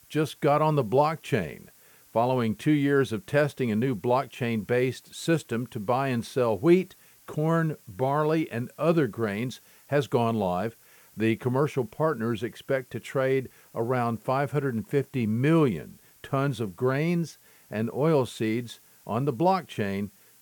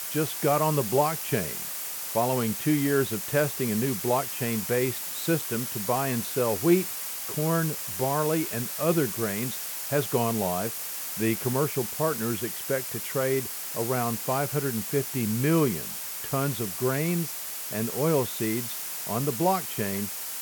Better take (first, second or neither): first